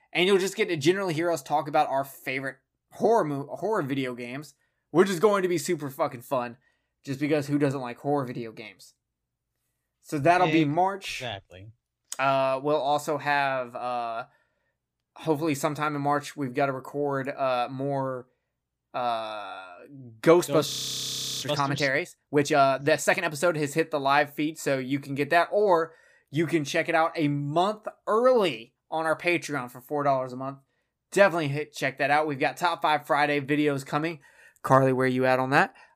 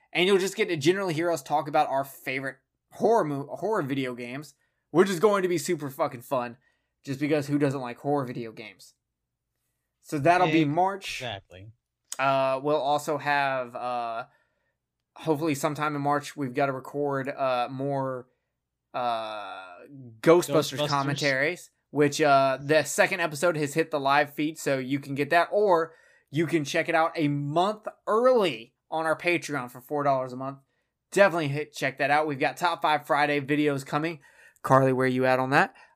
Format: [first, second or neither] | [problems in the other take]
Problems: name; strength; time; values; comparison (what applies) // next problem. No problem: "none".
second | audio freezing; at 21 s for 0.5 s